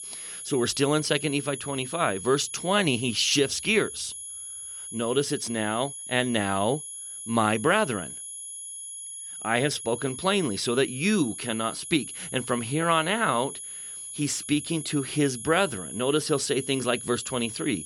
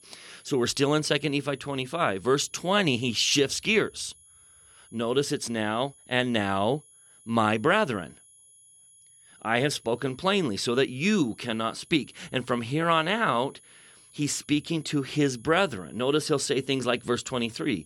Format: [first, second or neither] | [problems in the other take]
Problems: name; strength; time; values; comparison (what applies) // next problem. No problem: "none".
second | high-pitched whine; loud; throughout; 10.5 kHz, 9 dB below the speech; faint in the second